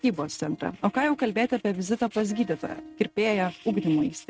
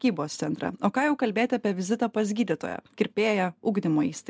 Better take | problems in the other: second | noise reduction (neural mask model RNNoise)

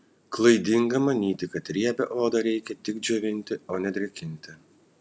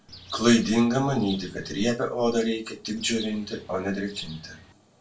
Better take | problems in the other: first | background sound (Bird); 18 dB below the speech // room echo; dies away in 0.2 s

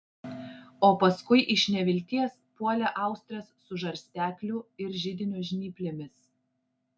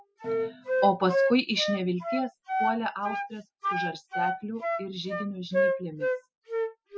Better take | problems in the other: first | noise reduction (classical method spectral subtraction)

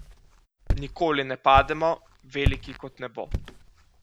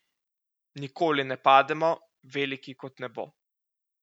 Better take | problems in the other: second | background sound (Walk, footsteps); 5 dB below the speech

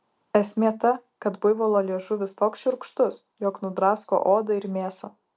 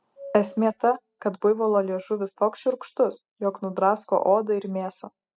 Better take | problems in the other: first | noise reduction (classical method spectral subtraction)

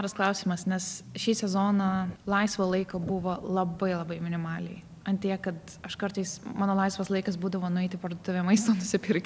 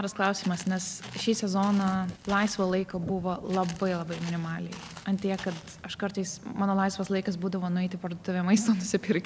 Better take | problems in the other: first | background sound (Walk, footsteps); 17 dB below the speech

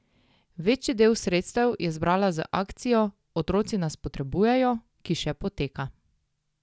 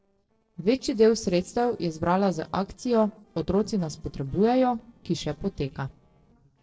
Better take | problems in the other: first | noise reduction (neural separator model SepFormer DNS4)

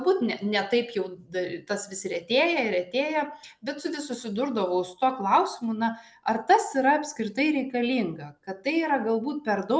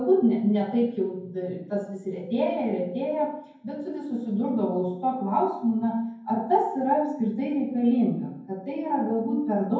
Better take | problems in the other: first | room echo; dies away in 0.9 s

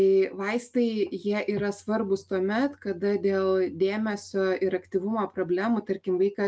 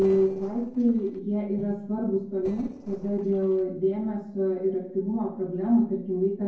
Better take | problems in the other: first | noise reduction (neural separator model SepFormer DNS4)

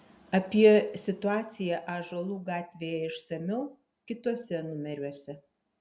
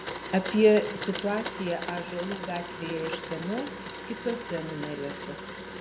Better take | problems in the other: first | background sound (Domestic sounds, home sounds); 8 dB below the speech

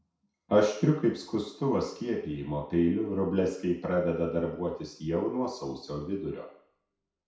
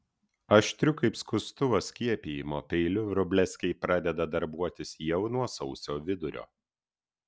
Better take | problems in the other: second | room echo; dies away in 0.6 s

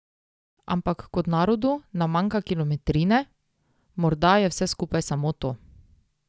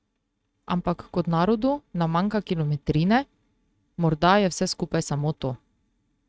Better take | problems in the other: first | noise reduction (neural mask model RNNoise)

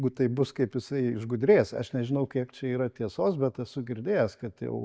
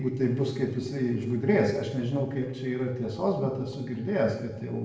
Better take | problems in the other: first | noise reduction (neural separator model SepFormer DNS4)

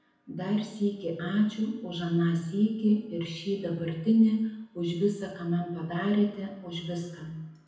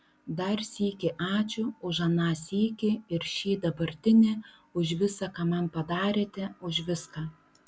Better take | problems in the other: second | room echo; dies away in 0.8 s

